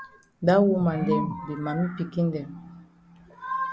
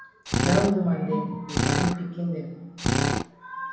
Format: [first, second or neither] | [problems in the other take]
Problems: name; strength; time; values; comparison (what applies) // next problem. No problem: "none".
first | background sound (Drill); 2 dB above the speech // room echo; dies away in 0.9 s